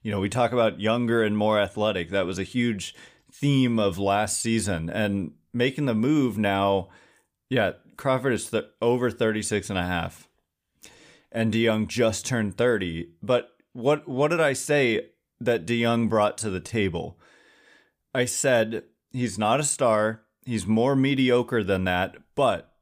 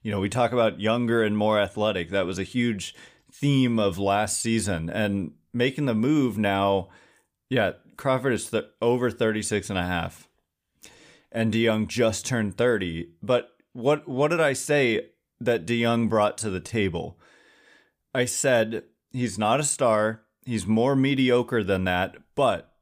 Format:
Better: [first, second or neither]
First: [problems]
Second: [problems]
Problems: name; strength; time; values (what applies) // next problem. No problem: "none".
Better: neither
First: none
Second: none